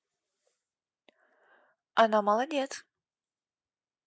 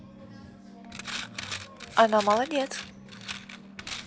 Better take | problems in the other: first | background sound (Coin (dropping)); 10 dB below the speech

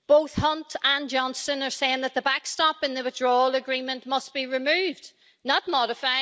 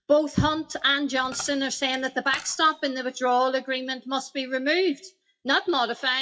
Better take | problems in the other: first | noise reduction (classical method WPE with log-MMSE)

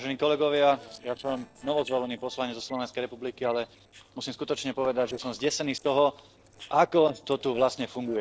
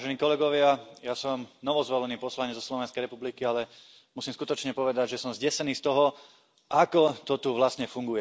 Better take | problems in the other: second | noise reduction (neural separator model SepFormer DNS4)

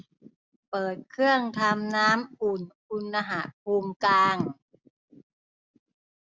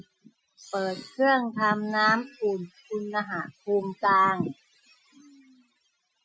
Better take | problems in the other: first | noise reduction (classical method Wiener filter)

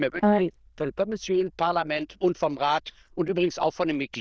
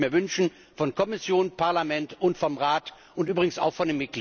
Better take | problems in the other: second | noise reduction (neural diffusion model UNIVERSE++)

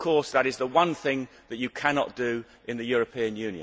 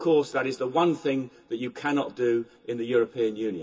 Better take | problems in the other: first | room echo; dies away in 0.2 s

